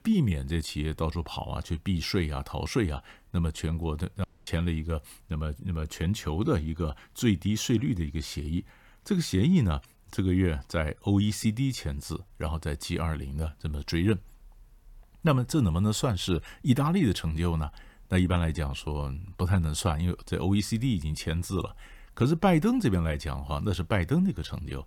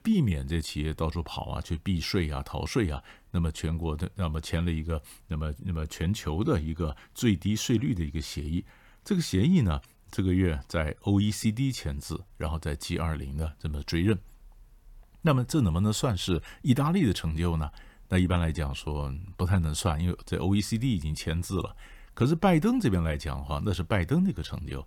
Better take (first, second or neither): second